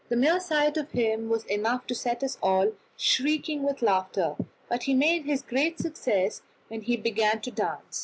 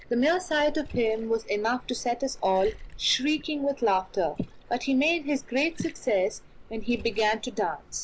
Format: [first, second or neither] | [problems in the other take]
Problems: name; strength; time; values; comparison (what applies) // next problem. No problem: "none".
first | background sound (Liquid); 16 dB below the speech